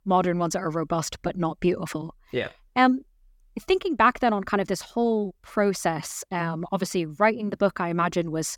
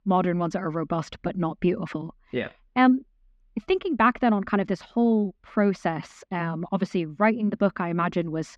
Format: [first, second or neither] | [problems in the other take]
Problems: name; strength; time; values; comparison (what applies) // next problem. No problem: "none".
first | muffled; slightly; fading above 3 kHz